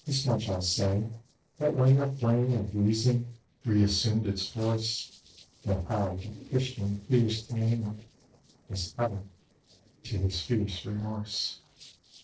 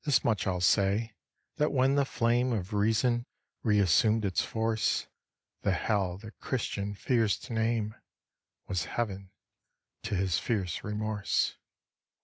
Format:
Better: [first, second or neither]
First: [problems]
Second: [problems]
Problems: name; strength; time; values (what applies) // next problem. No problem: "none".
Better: second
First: noise reduction (neural separator model SepFormer DNS4)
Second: none